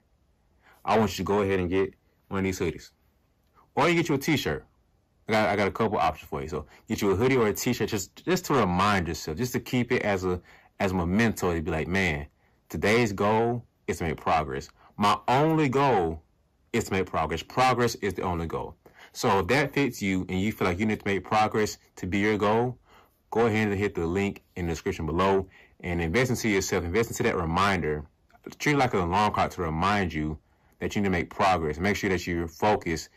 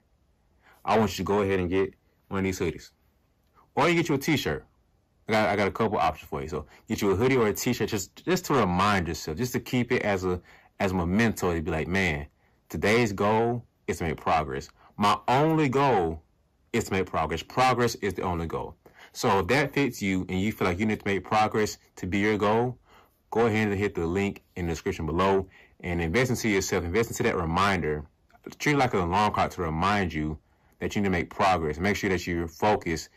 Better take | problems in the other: neither | distortion; heavy; 8 dB below the speech; the same in both

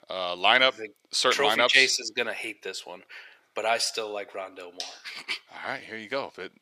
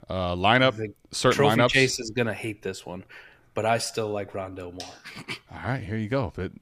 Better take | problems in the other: second | thin; somewhat; fading below 450 Hz

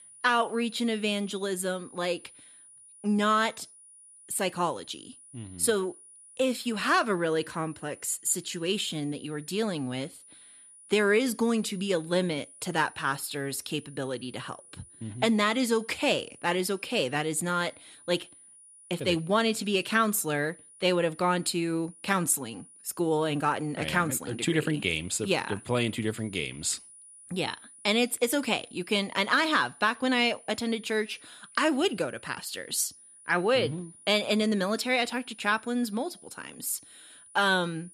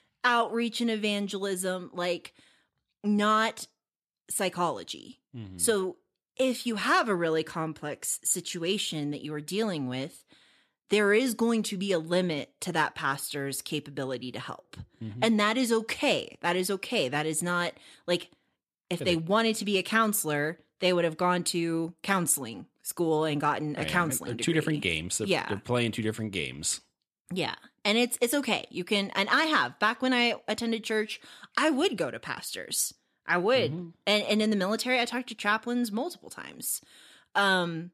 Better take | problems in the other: second | high-pitched whine; faint; throughout; 9.5 kHz, 20 dB below the speech

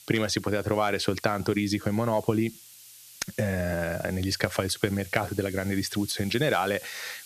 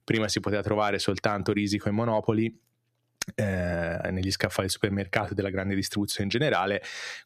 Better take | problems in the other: second | hiss; noticeable; throughout; 20 dB below the speech

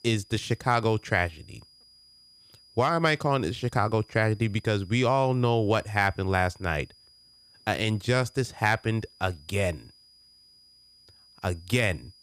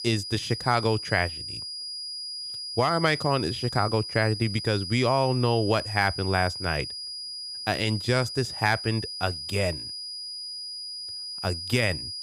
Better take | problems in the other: first | high-pitched whine; loud; throughout; 5 kHz, 7 dB below the speech; faint in the first

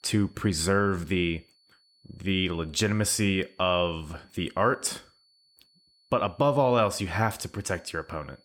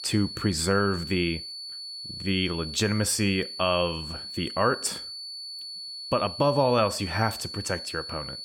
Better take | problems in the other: first | high-pitched whine; loud; throughout; 4.5 kHz, 9 dB below the speech; faint in the first

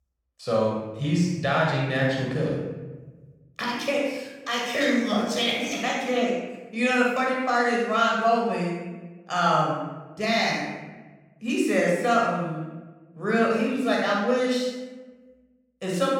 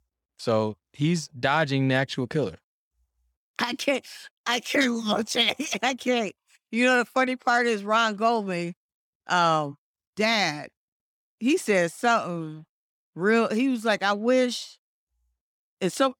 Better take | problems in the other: second | off-mic speech; far // room echo; strong; dies away in 1.1 s

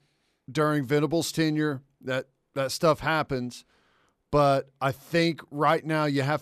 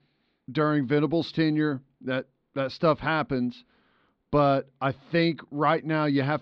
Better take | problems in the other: first | muffled; very slightly; fading above 4 kHz

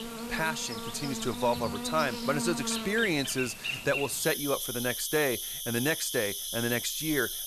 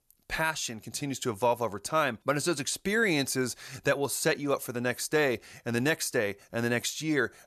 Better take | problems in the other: second | animal sounds; loud; throughout; 4 dB below the speech

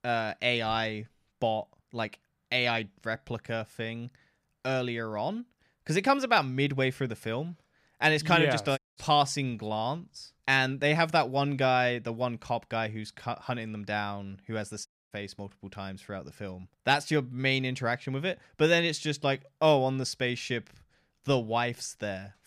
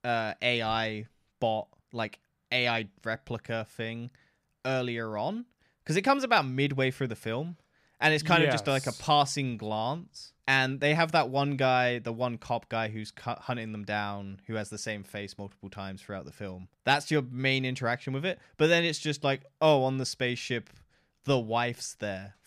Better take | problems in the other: second | audio cutting out; at 9 s and at 15 s

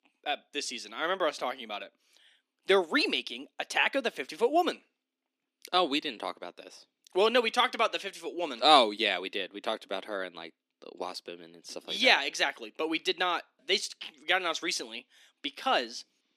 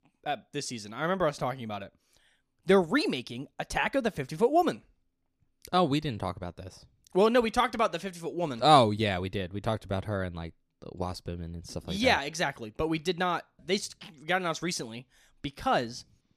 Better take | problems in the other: second | thin; somewhat; fading below 250 Hz

